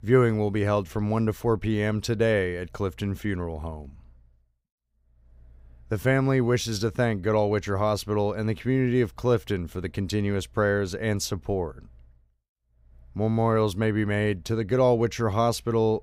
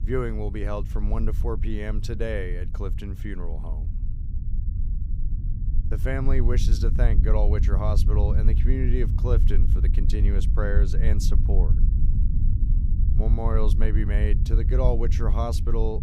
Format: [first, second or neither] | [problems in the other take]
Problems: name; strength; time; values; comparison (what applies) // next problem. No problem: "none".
first | low rumble; loud; throughout; 9 dB below the speech